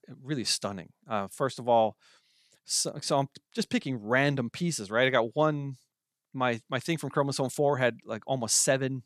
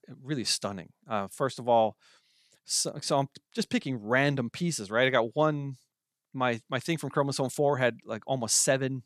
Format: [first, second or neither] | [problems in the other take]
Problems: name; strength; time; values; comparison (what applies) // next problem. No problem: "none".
neither | none